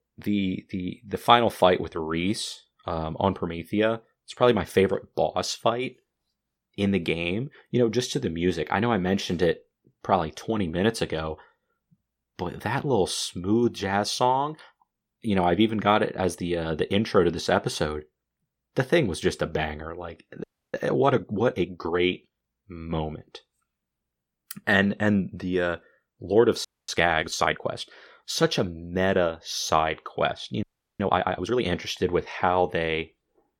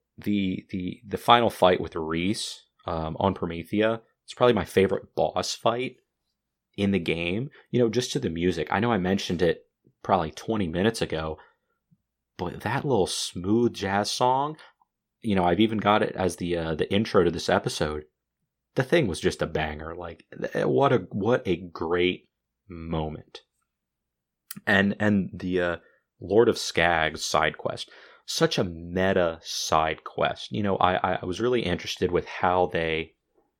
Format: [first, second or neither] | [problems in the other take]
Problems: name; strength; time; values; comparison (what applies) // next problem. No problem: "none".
second | audio freezing; at 20 s, at 27 s and at 31 s